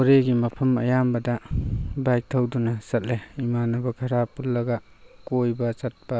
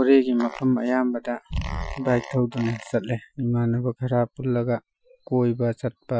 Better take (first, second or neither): first